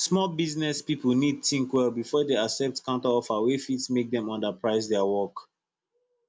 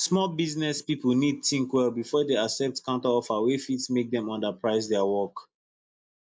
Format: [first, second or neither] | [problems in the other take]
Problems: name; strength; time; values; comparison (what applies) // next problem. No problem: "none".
first | noise reduction (neural mask model Resemble Enhance denoiser)